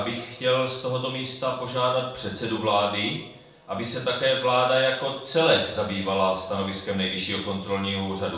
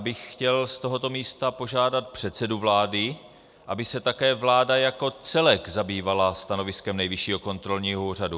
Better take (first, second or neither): second